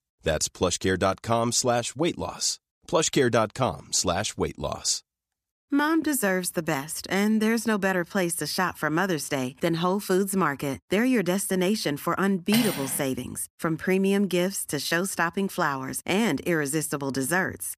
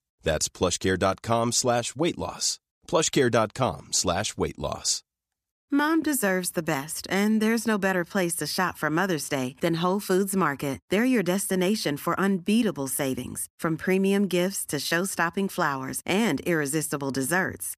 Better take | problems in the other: second | clattering dishes; noticeable; at 13 s; peak 3 dB below the speech

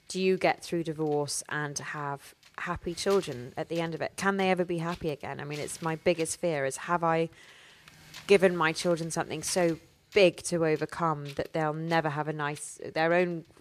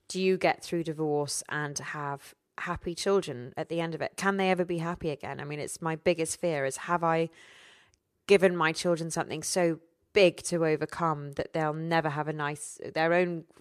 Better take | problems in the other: second | wind noise on the microphone; occasional gusts; 20 dB below the speech

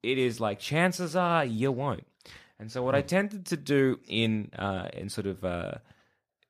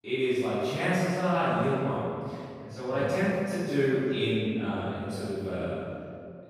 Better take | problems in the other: first | off-mic speech; far // room echo; strong; dies away in 2.1 s

